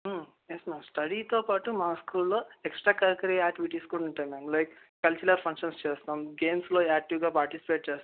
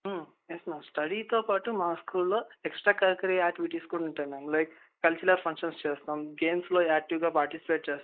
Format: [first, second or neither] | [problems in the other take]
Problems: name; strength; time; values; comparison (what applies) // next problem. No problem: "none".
first | noise reduction (neural mask model Resemble Enhance denoiser)